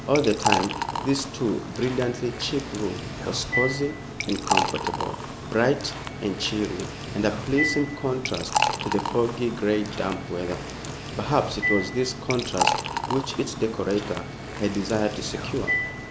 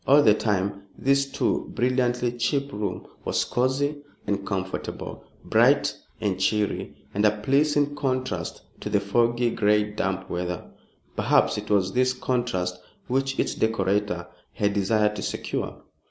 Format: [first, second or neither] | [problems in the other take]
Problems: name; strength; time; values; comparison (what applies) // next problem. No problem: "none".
second | background sound (Liquid); 3 dB below the speech